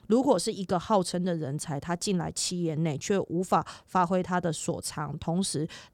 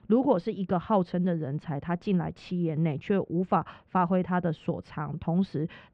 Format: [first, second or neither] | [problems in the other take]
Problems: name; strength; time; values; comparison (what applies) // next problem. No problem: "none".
first | muffled; very; fading above 2.5 kHz